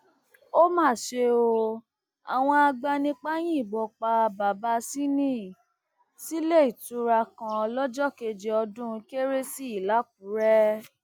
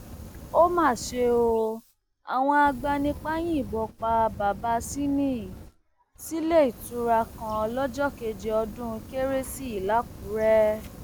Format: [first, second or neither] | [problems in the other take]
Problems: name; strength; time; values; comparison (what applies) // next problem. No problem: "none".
first | background sound (Fire); 16 dB below the speech